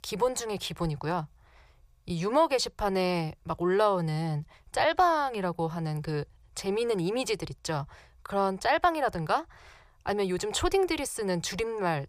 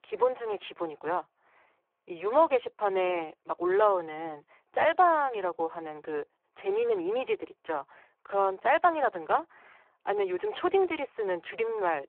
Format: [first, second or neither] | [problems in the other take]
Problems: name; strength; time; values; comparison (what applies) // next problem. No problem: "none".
first | phone-call audio; poor line